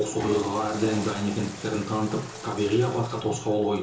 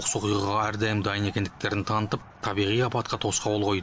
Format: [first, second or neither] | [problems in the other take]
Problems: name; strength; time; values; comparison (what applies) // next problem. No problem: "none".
second | background sound (Toilet flush / Water); 13 dB below the speech // room echo; dies away in 0.6 s